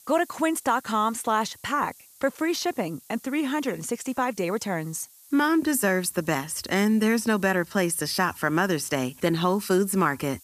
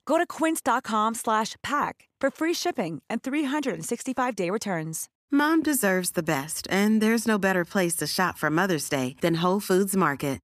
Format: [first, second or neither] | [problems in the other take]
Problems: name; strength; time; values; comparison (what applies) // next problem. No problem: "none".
second | hiss; faint; throughout; 25 dB below the speech